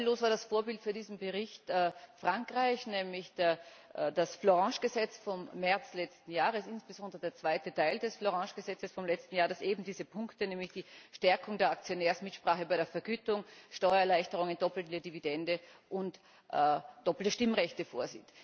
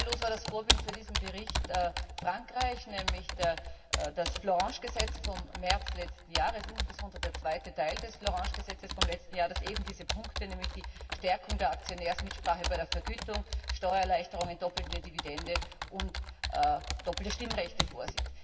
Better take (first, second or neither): first